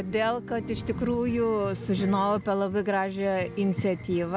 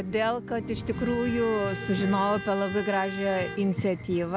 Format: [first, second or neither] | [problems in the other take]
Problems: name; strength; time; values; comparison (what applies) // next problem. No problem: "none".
first | background sound (Bowed string instrument); 12 dB below the speech